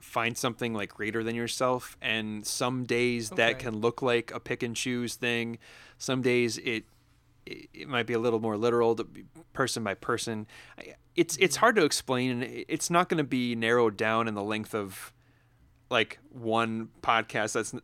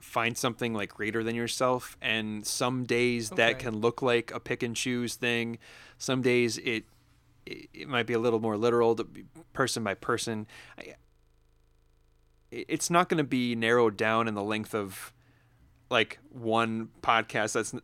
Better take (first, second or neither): first